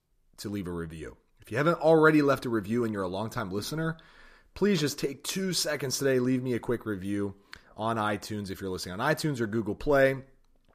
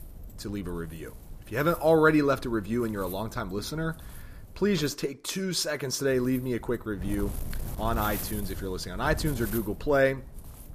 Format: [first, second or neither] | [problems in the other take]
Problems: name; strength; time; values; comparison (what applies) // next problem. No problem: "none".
first | wind noise on the microphone; occasional gusts; until 5 s and from 6 s on; 20 dB below the speech